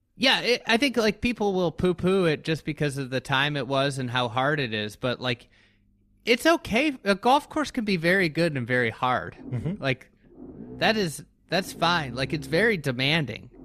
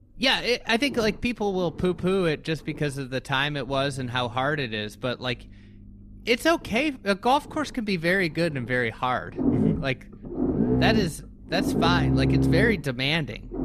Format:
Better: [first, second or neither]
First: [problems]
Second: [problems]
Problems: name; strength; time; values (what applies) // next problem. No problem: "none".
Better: first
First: low rumble; faint; throughout; 25 dB below the speech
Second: low rumble; loud; throughout; 5 dB below the speech